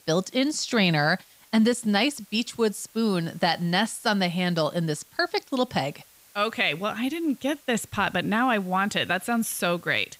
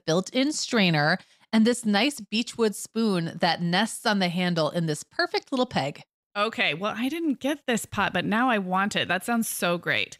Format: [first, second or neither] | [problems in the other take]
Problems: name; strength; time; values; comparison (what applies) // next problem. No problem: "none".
second | hiss; faint; throughout; 25 dB below the speech